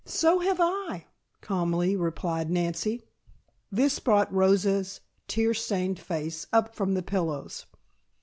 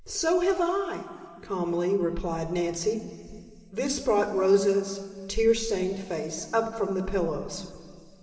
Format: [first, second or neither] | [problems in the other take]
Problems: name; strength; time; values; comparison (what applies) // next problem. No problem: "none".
first | room echo; dies away in 2.3 s